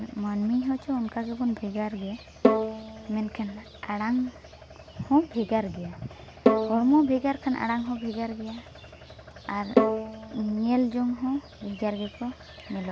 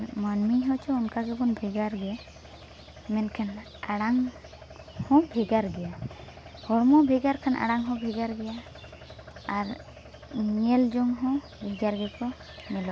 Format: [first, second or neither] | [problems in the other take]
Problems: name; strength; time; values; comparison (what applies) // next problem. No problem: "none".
second | background sound (Bowed string instrument); 1 dB below the speech